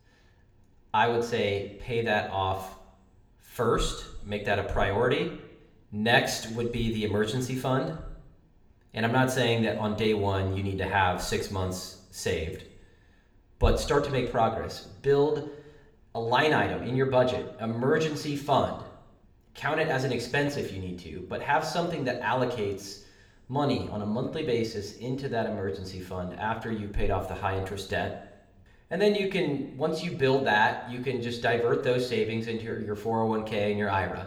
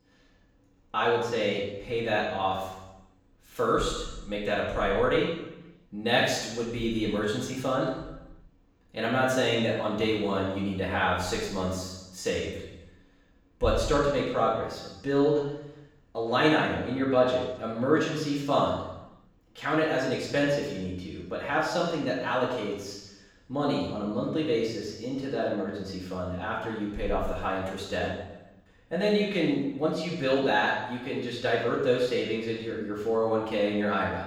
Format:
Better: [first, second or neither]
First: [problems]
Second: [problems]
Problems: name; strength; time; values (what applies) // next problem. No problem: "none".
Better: first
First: room echo; slight; dies away in 0.6 s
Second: room echo; strong; dies away in 0.9 s // off-mic speech; far